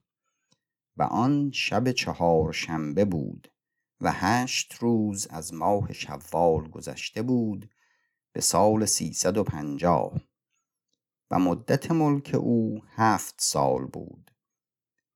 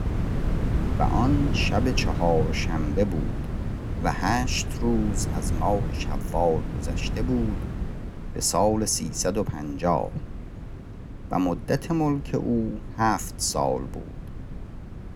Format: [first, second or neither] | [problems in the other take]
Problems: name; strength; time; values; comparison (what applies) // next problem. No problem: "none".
first | wind noise on the microphone; occasional gusts; 10 dB below the speech